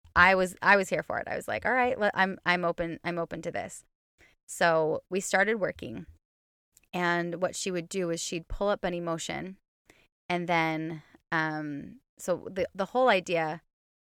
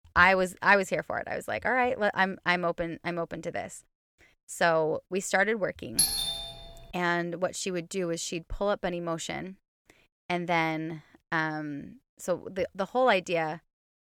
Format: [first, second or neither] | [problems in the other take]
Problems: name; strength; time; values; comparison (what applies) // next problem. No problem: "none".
first | doorbell; loud; at 6 s; peak 4 dB above the speech